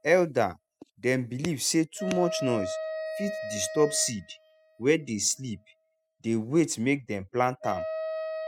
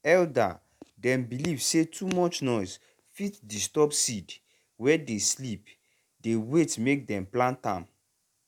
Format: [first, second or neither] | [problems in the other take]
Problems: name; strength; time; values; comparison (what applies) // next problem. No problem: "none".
second | noise reduction (classical method spectral subtraction)